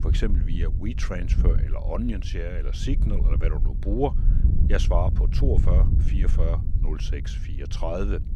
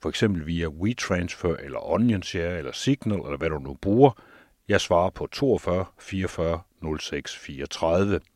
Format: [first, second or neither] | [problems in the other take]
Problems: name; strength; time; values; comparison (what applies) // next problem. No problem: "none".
second | wind noise on the microphone; heavy; 8 dB below the speech